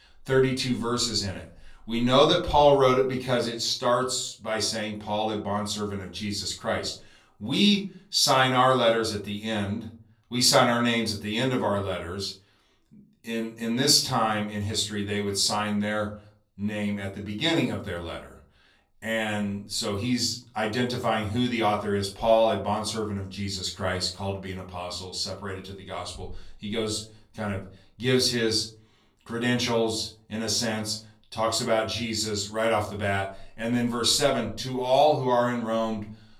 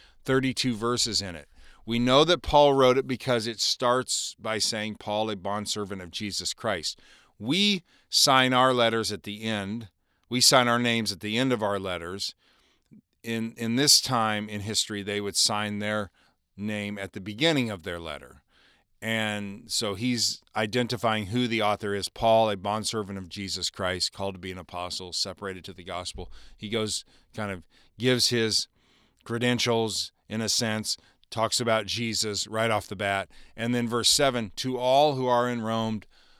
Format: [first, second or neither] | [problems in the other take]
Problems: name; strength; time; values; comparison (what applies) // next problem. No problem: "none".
second | off-mic speech; far // room echo; slight; dies away in 0.3 s